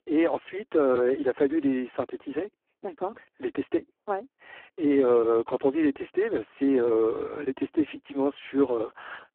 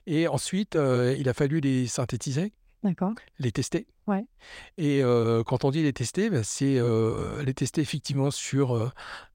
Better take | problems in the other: second | phone-call audio; poor line

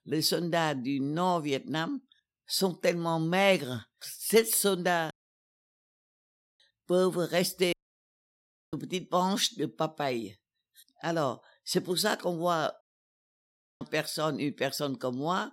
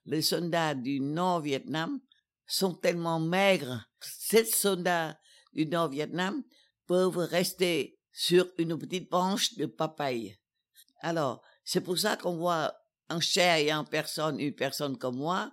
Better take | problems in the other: second | audio cutting out; at 5 s for 1.5 s, at 7.5 s for 1 s and at 13 s for 1 s

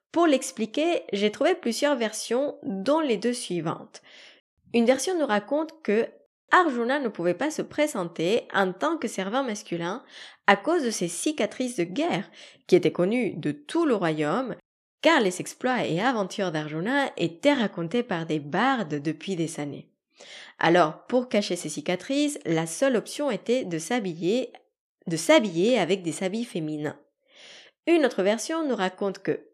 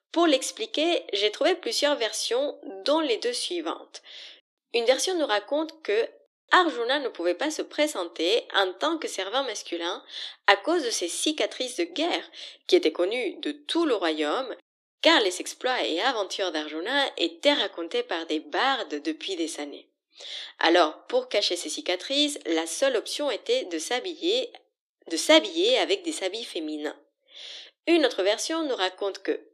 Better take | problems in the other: first | thin; somewhat; fading below 300 Hz

